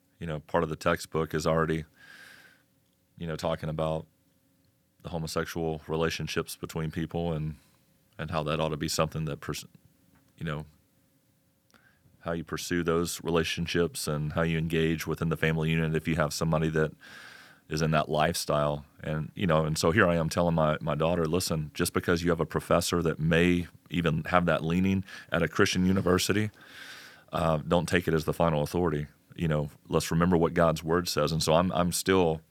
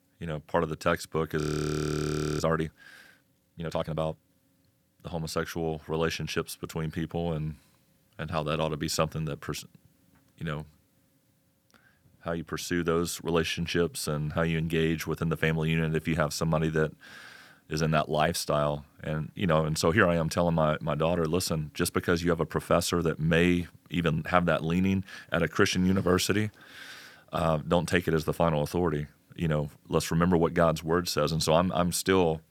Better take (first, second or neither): first